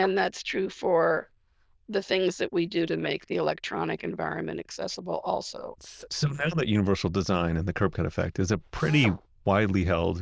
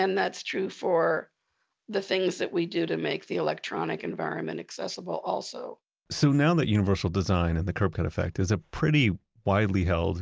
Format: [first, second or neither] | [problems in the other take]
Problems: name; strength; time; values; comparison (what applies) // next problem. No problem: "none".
second | noise reduction (neural diffusion model UNIVERSE++)